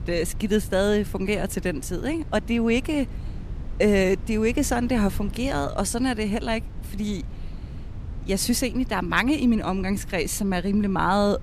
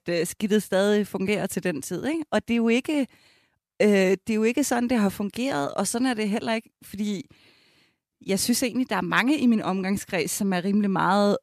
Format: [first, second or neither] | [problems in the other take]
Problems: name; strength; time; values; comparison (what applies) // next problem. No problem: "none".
second | wind noise on the microphone; occasional gusts; 20 dB below the speech